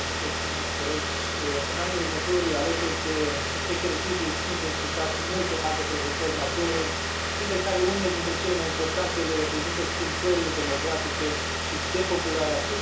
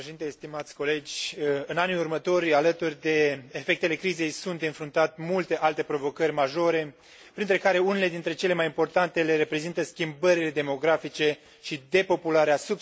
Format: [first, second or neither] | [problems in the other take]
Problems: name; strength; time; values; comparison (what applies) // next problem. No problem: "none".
second | background sound (Car); 1 dB above the speech // room echo; dies away in 0.6 s